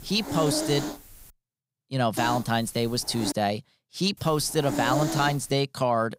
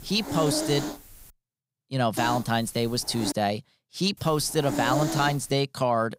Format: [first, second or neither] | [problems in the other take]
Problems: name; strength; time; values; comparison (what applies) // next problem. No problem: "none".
neither | hiss; loud; until 1.5 s, from 2 to 3.5 s and from 4 to 5.5 s; 7 dB below the speech; the same in both